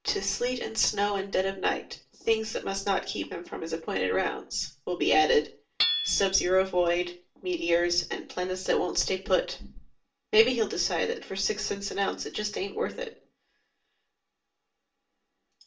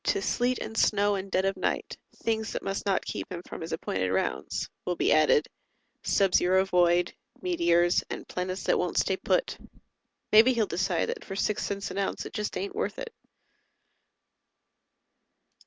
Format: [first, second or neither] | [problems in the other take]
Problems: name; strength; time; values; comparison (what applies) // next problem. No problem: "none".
second | background sound (Hammer / Chink, clink); 7 dB below the speech // room echo; dies away in 0.3 s